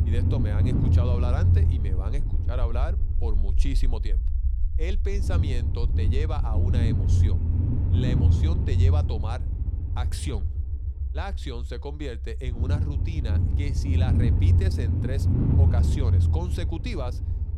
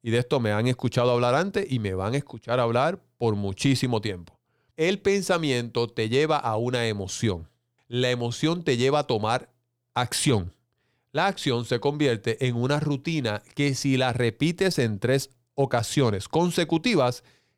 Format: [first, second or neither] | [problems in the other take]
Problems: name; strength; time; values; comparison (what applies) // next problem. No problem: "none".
second | low rumble; loud; throughout; as loud as the speech